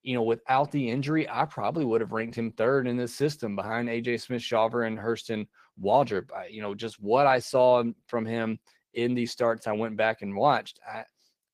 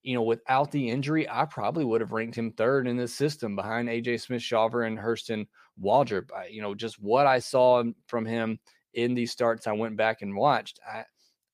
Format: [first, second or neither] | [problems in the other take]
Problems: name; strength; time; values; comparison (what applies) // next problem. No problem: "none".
second | garbled, watery; slightly; nothing above 15 kHz